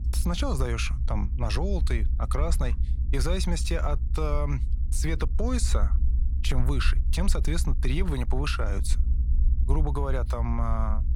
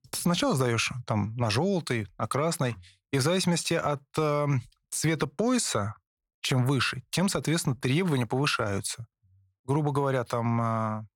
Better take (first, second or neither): second